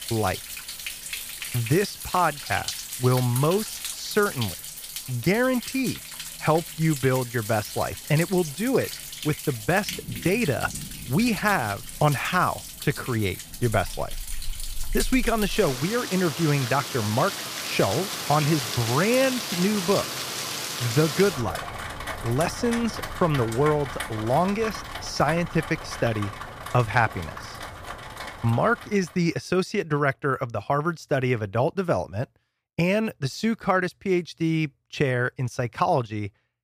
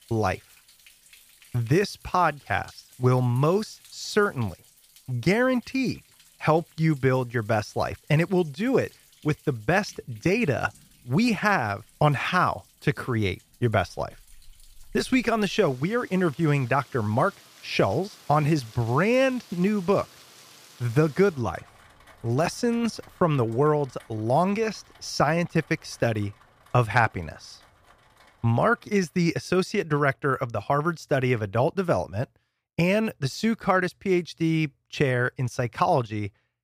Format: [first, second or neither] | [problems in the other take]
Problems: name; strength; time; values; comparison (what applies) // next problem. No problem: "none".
second | rain or running water; loud; until 29 s; 7 dB below the speech; faint in the second